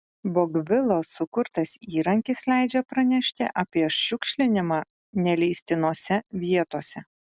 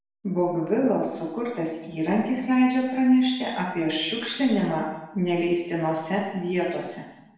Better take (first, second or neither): first